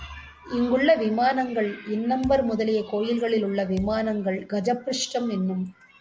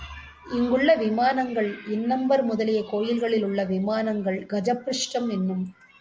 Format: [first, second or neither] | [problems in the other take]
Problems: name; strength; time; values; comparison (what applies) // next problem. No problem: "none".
second | background sound (Thump, thud); 19 dB below the speech